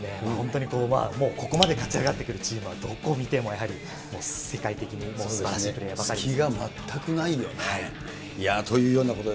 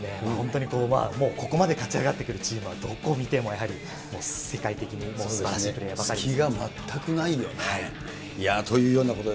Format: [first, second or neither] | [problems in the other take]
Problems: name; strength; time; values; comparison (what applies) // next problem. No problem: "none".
second | background sound (Raindrop); 4 dB below the speech